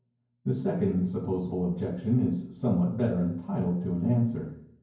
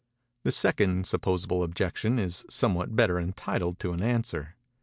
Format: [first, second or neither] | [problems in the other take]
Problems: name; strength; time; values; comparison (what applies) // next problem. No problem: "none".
second | room echo; dies away in 0.9 s